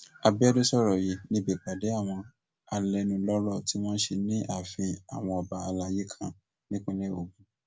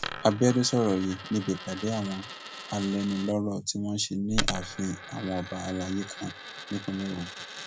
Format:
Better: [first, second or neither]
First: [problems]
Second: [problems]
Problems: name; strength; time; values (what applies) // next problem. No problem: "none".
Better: first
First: none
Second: background sound (Coin (dropping)); 9 dB below the speech